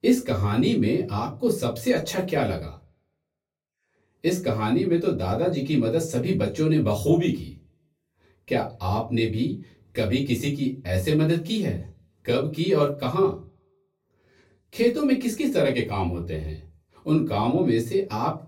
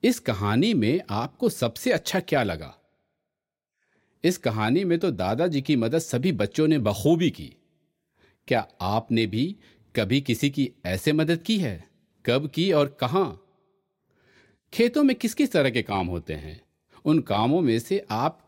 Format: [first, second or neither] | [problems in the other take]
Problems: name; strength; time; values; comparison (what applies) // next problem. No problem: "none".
second | off-mic speech; far // room echo; very slight; dies away in 0.2 s